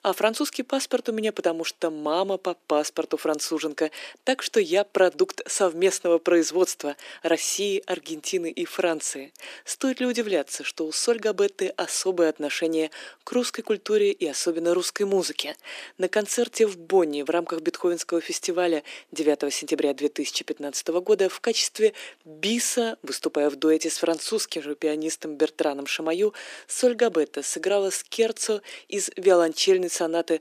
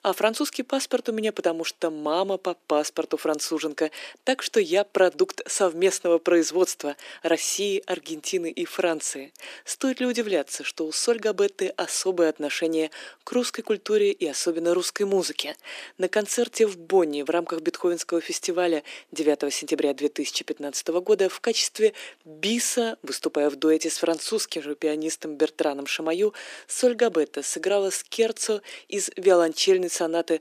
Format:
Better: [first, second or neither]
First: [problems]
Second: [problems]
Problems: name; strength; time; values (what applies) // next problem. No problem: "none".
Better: neither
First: thin; somewhat; fading below 300 Hz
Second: thin; somewhat; fading below 300 Hz